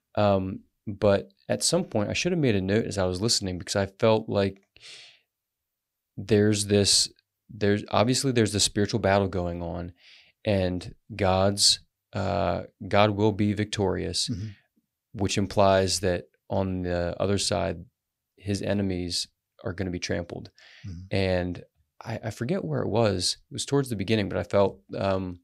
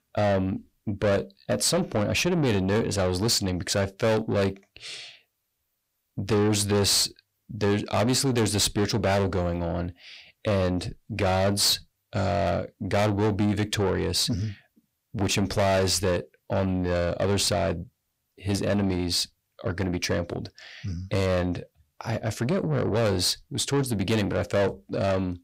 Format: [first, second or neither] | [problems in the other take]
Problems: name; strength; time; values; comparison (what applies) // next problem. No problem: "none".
first | distortion; heavy; 7 dB below the speech